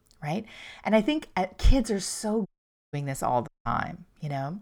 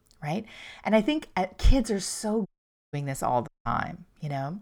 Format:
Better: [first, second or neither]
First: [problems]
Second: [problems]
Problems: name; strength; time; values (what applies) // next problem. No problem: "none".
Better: neither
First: audio cutting out; at 2.5 s and at 3.5 s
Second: audio cutting out; at 2.5 s and at 3.5 s